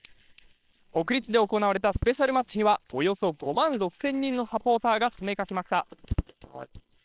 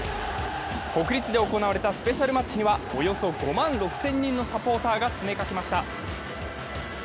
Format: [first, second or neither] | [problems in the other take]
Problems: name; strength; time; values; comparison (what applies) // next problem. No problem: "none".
second | noise reduction (neural separator model SepFormer WHAMR!)